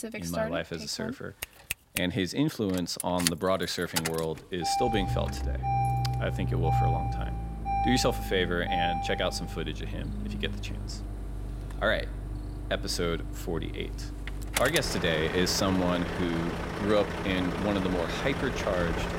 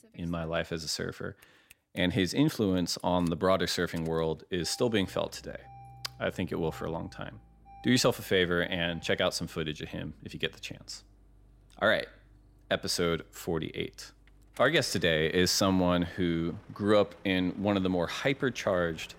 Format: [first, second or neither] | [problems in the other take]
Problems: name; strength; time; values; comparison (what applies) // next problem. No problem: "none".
second | traffic noise; loud; throughout; 3 dB below the speech; faint in the second